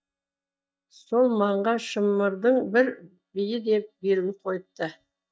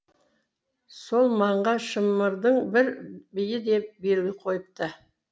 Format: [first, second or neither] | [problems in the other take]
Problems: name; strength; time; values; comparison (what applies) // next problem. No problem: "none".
second | noise reduction (neural mask model DeepFilterNet 3)